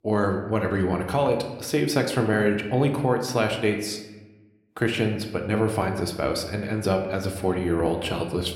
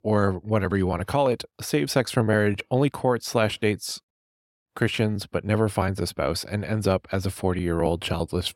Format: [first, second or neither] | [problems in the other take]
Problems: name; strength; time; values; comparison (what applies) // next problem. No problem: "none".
second | room echo; slight; dies away in 0.8 s